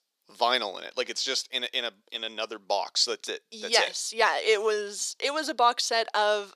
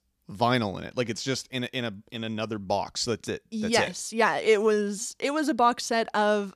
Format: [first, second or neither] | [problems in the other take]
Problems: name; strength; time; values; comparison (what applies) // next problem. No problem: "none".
second | thin; very; fading below 450 Hz